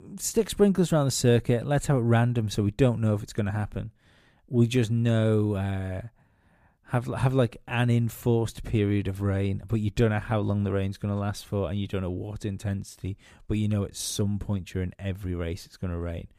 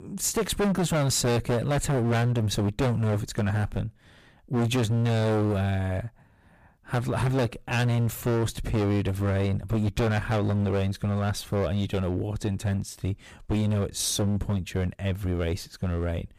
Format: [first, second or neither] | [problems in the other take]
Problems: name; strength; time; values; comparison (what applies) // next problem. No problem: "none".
first | distortion; heavy; 21% of the sound clipped